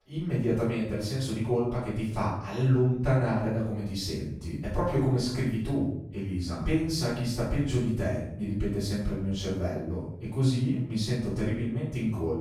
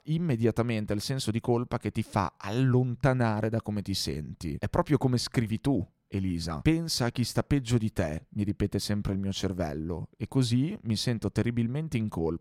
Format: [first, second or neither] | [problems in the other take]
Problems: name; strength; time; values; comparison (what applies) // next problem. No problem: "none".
second | off-mic speech; far // room echo; noticeable; dies away in 0.6 s